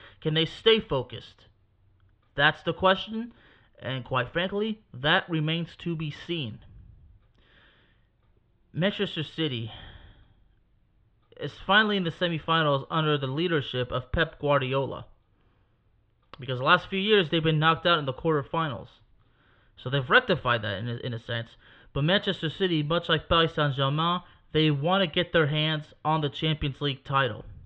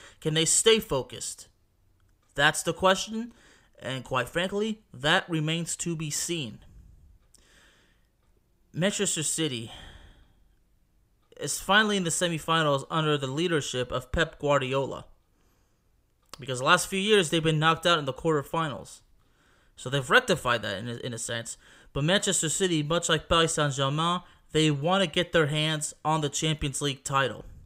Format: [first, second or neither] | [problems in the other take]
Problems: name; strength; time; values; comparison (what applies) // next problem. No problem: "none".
second | muffled; very; fading above 3.5 kHz